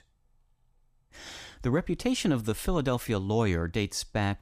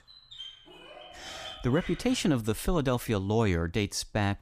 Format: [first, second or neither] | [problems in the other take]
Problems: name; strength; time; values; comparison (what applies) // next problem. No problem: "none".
first | dog barking; faint; until 2.5 s; peak 15 dB below the speech